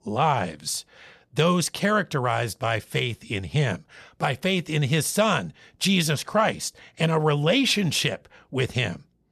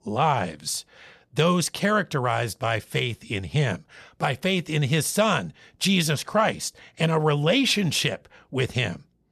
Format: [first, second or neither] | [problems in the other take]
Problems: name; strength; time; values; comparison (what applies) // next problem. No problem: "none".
neither | none